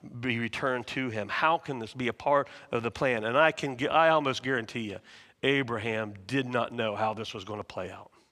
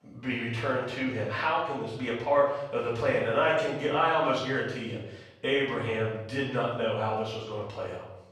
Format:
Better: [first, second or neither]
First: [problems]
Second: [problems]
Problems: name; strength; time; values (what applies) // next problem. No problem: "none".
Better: first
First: none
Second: off-mic speech; far // room echo; noticeable; dies away in 0.8 s